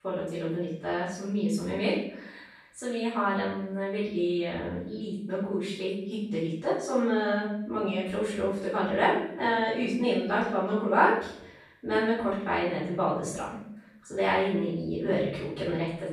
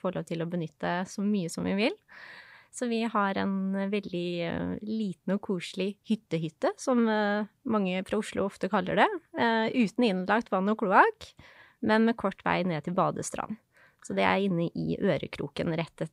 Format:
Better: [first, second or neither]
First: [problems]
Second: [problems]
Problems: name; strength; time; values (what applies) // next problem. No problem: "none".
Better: second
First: off-mic speech; far // room echo; noticeable; dies away in 0.6 s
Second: none